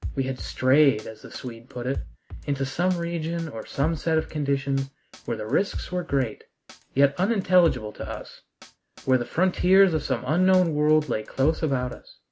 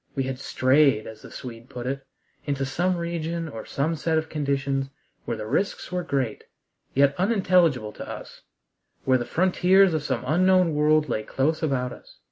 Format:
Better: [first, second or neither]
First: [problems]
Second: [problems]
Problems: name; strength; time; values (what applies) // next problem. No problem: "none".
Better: second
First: background sound (Drum kit); 14 dB below the speech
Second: none